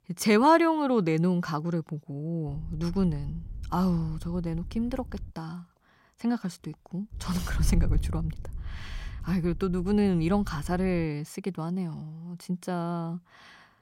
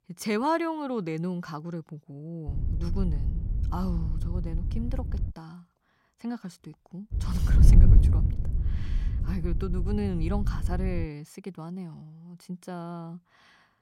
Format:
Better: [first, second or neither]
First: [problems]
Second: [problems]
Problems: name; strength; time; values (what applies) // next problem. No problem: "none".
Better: first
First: wind noise on the microphone; occasional gusts; from 2.5 to 5.5 s and from 7 to 11 s; 25 dB below the speech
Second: wind noise on the microphone; heavy; from 2.5 to 5.5 s and from 7 to 11 s; 8 dB below the speech